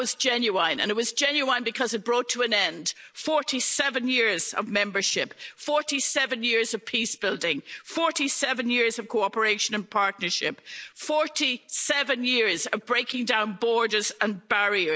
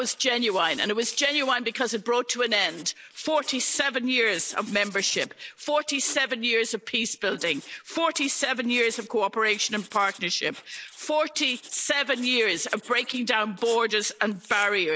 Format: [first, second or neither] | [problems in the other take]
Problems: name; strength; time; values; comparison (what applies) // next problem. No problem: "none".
first | noise reduction (neural mask model Resemble Enhance denoiser)